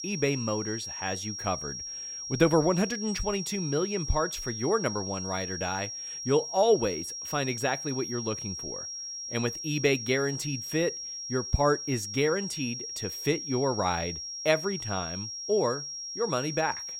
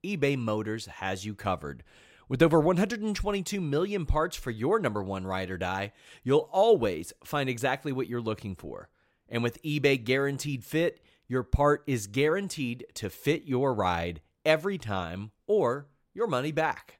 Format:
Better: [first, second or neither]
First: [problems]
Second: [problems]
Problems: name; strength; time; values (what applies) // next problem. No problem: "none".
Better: second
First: high-pitched whine; loud; throughout; 5.5 kHz, 5 dB below the speech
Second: none